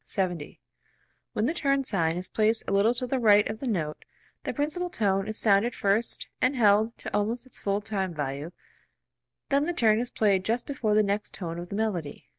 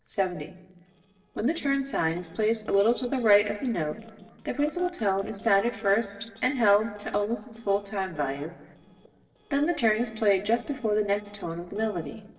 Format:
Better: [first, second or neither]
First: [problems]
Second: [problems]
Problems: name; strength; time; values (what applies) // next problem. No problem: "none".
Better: first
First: none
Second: noise reduction (neural separator model SepFormer DNS4)